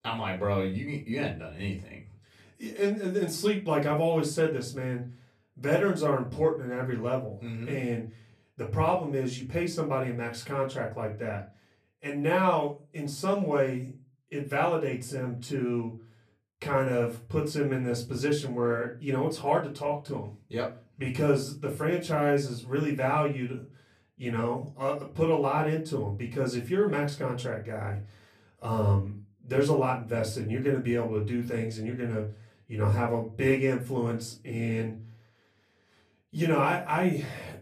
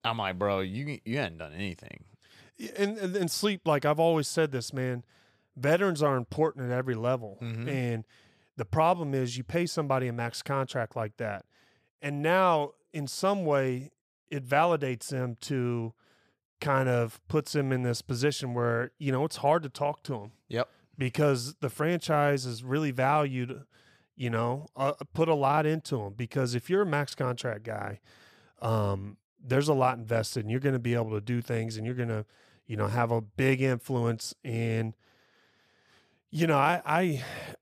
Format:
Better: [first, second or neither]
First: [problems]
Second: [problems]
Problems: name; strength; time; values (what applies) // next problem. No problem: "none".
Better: second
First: off-mic speech; far // room echo; very slight; dies away in 0.3 s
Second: none